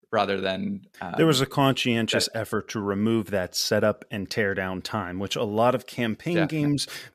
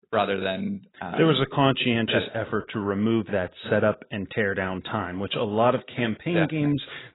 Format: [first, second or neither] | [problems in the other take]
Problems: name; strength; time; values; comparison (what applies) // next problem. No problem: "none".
first | garbled, watery; badly; nothing above 4 kHz